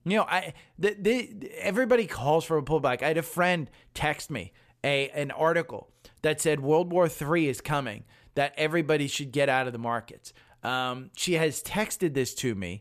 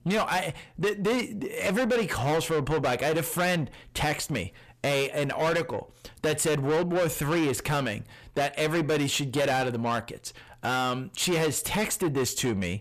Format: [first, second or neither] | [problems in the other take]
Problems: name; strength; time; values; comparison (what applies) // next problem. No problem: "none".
first | distortion; heavy; 6 dB below the speech